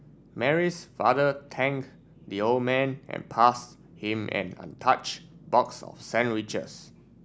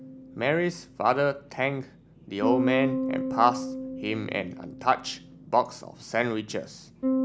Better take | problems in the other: first | background sound (Bass guitar); 4 dB below the speech

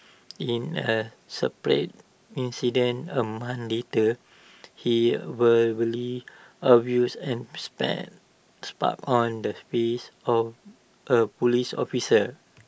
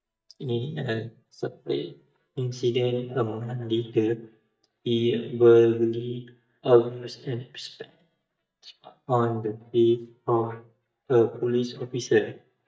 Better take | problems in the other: first | noise reduction (neural mask model DeepFilterNet 3)

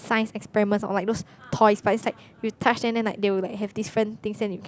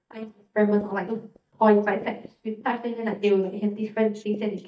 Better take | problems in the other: first | noise reduction (neural mask model DeepFilterNet 3)

